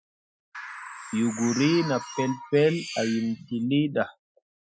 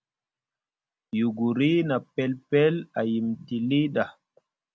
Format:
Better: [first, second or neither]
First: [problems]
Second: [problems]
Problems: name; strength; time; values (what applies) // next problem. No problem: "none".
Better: second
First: noise reduction (classical method Wiener filter)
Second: none